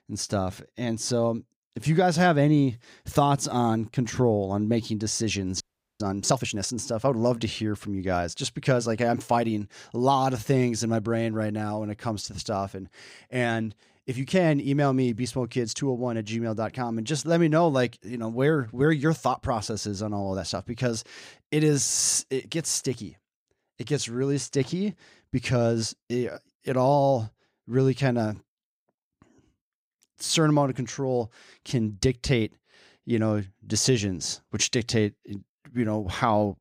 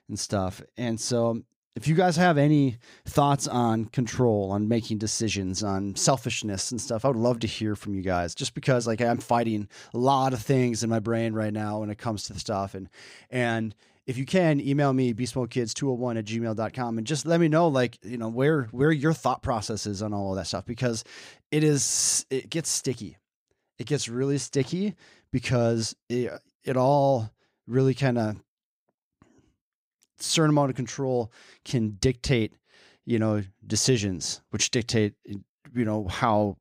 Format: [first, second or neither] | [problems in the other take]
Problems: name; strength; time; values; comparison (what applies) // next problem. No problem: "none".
second | audio freezing; at 5.5 s